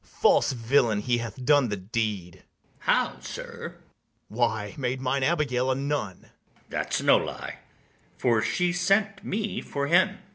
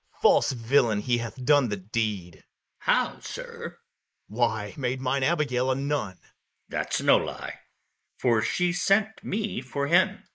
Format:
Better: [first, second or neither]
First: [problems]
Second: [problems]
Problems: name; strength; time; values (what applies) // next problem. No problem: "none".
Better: first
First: none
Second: noise reduction (neural mask model Resemble Enhance denoiser)